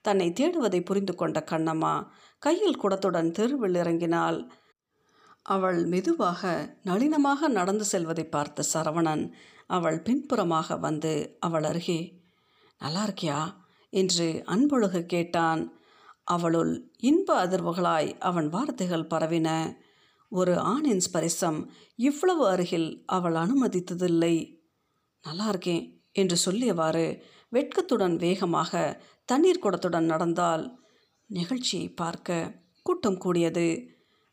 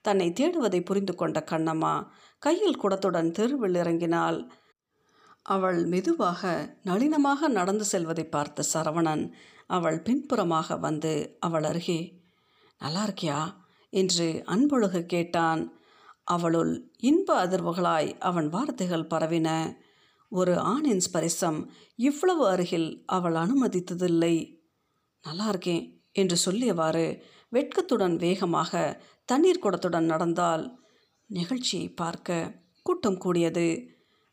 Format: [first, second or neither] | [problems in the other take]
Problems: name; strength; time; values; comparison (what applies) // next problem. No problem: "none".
neither | none